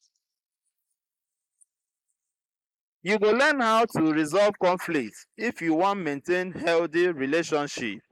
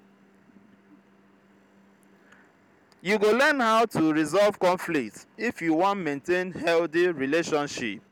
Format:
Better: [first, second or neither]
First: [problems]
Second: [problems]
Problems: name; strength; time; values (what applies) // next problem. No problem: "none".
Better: second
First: noise reduction (neural mask model Resemble Enhance denoiser)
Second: none